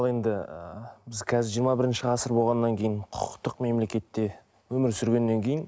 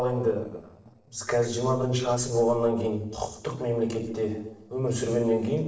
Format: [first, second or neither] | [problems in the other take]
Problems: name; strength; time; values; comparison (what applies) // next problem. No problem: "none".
first | noise reduction (neural separator model SepFormer DNS4)